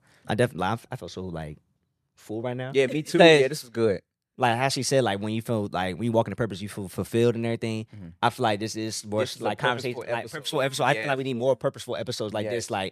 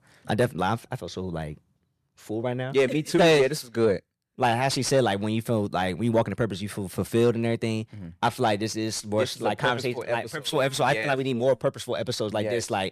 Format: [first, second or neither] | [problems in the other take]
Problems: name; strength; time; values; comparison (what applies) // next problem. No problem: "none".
first | distortion; slight; 10 dB below the speech